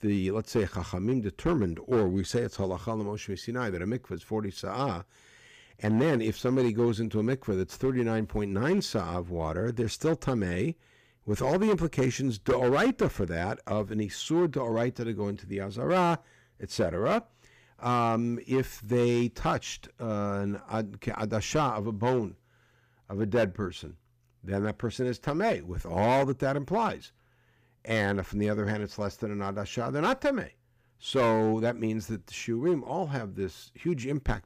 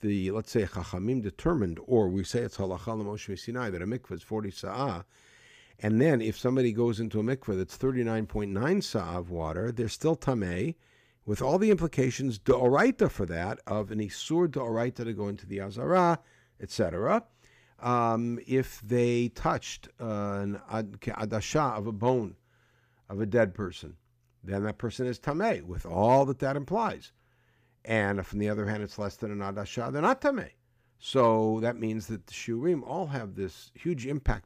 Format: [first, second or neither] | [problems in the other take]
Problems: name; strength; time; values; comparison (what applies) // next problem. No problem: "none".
second | distortion; slight; 4% of the sound clipped